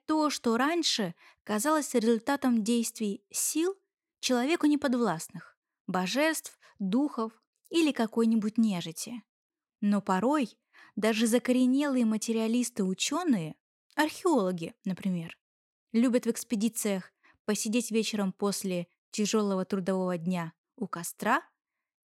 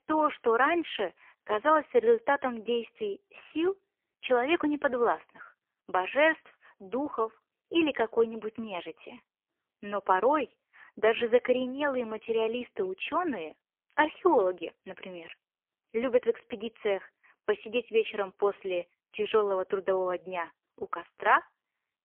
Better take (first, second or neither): first